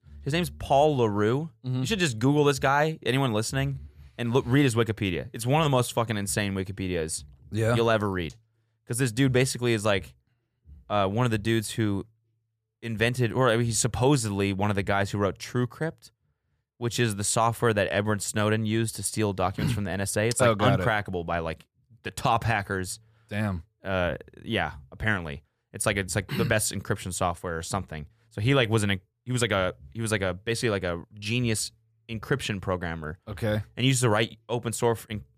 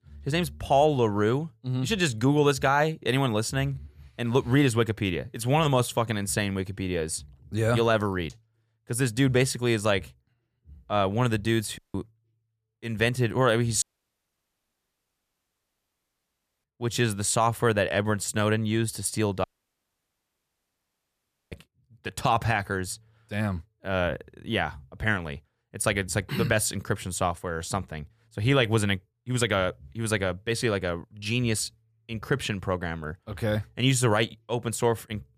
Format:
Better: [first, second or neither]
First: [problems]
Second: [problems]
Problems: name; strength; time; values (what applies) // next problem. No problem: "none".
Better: first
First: none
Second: audio cutting out; at 12 s, at 14 s for 3 s and at 19 s for 2 s